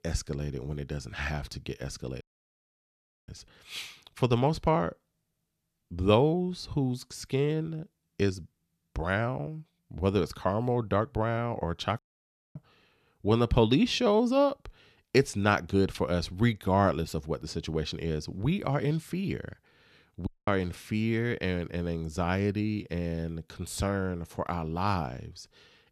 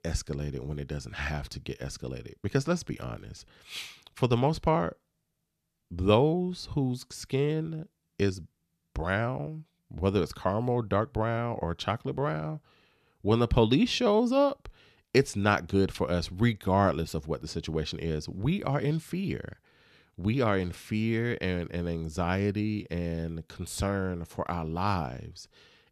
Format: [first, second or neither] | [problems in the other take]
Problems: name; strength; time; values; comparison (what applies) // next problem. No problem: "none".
second | audio cutting out; at 2 s for 1 s, at 12 s for 0.5 s and at 20 s